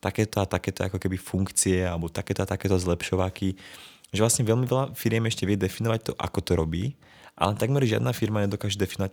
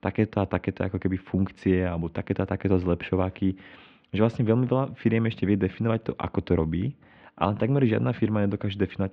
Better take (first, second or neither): first